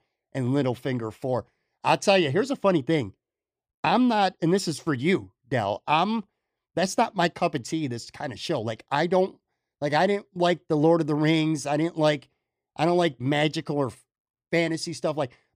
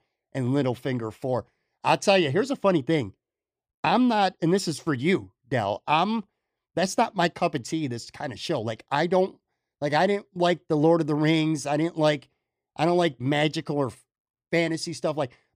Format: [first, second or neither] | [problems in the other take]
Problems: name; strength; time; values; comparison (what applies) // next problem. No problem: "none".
neither | none